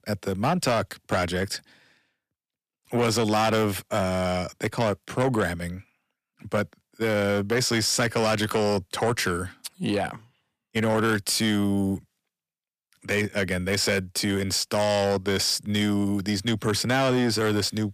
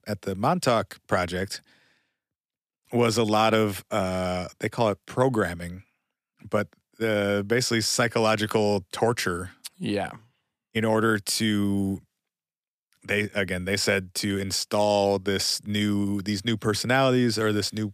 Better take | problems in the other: second | distortion; slight; 10 dB below the speech

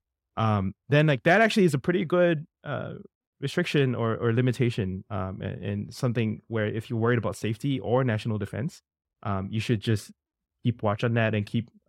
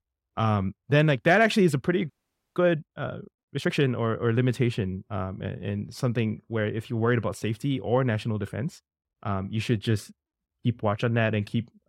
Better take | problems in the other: first | audio freezing; at 2 s

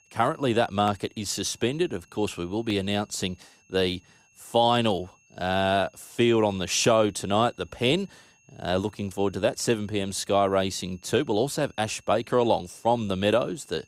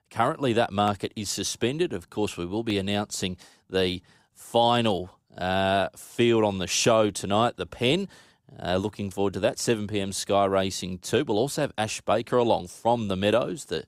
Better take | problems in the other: second | high-pitched whine; faint; throughout; 2.5 kHz, 35 dB below the speech

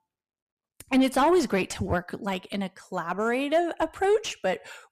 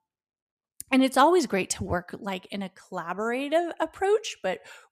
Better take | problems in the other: second | distortion; slight; 10 dB below the speech

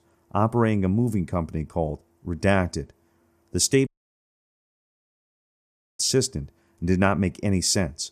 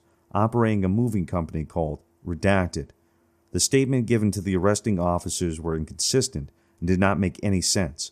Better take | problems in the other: second | audio cutting out; at 4 s for 2 s

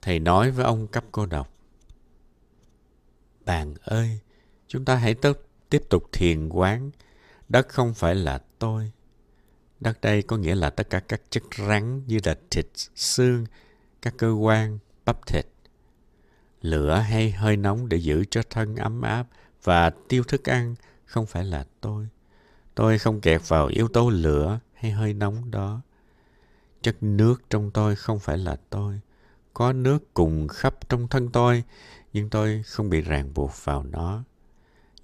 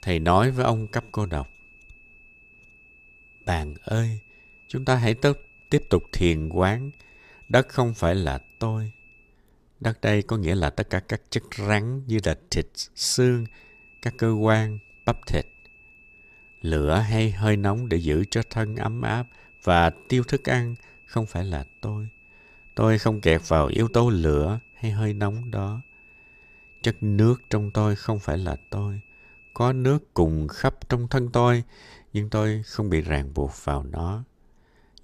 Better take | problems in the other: first | high-pitched whine; faint; until 9 s and from 13 to 30 s; 2.5 kHz, 25 dB below the speech

